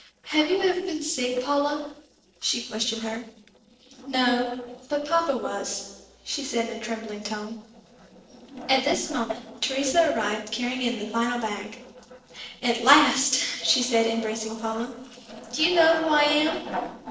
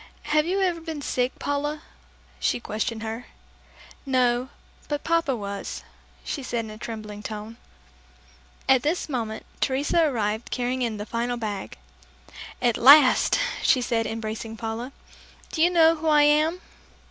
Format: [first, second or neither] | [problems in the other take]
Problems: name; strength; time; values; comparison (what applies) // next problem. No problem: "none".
second | noise reduction (neural separator model SepFormer DNS4)